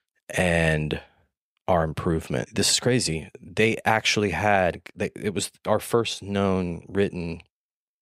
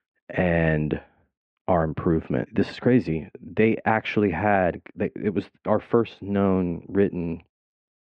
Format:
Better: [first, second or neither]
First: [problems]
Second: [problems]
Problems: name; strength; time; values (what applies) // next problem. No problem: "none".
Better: first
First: none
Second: muffled; very; fading above 2 kHz